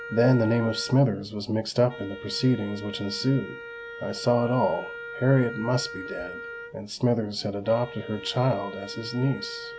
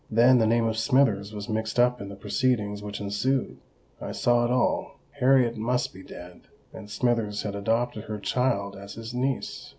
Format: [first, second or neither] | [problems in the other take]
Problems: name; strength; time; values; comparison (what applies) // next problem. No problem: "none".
second | background sound (Wind instrument, woodwind instrument); 14 dB below the speech